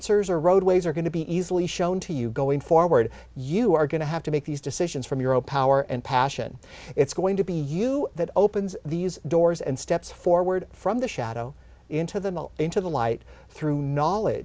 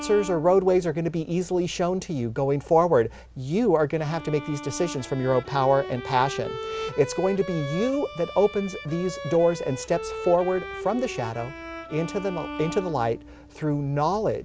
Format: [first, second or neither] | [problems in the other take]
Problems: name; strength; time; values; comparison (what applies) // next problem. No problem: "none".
first | background sound (Bowed string instrument); 13 dB below the speech